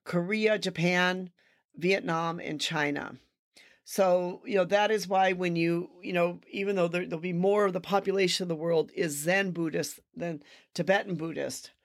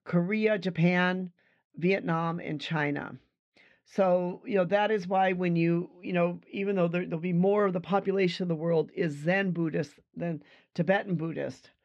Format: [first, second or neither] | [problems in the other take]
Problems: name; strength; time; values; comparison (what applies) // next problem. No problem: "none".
first | muffled; slightly; fading above 3 kHz